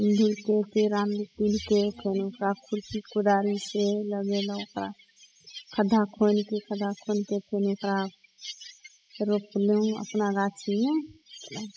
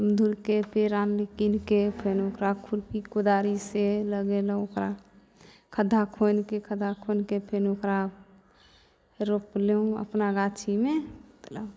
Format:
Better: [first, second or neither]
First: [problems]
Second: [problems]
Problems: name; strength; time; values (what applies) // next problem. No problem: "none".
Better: second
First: noise reduction (classical method spectral subtraction)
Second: none